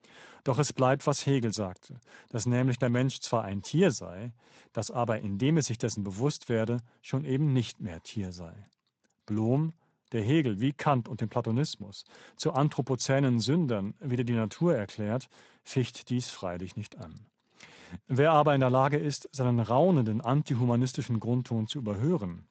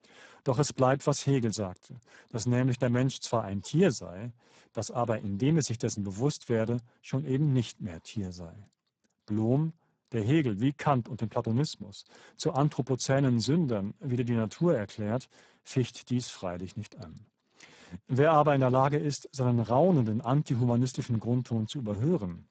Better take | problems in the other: first | garbled, watery; badly; nothing above 8 kHz; slightly in the first

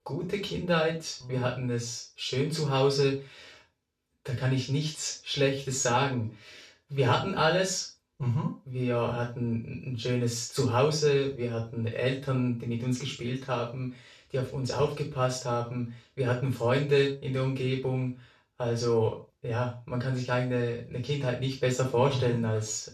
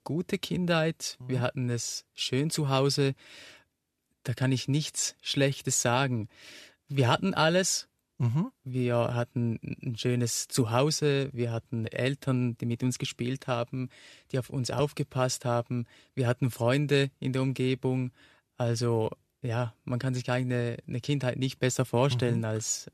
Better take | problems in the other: second | room echo; noticeable; dies away in 0.3 s // off-mic speech; far

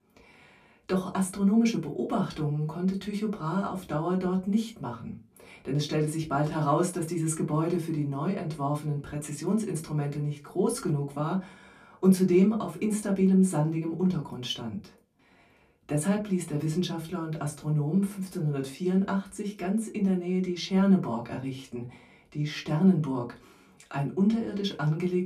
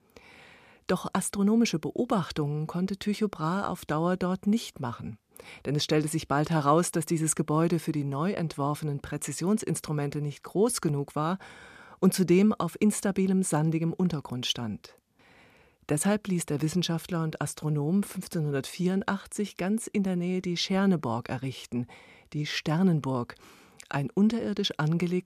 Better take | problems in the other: second | off-mic speech; far // room echo; very slight; dies away in 0.2 s

